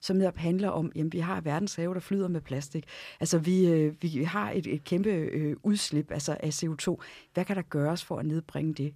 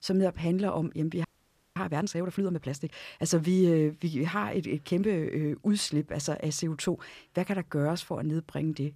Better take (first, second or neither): first